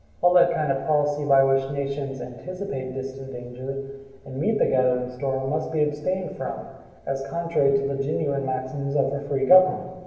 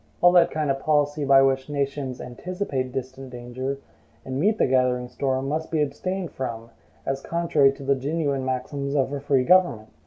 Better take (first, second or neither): second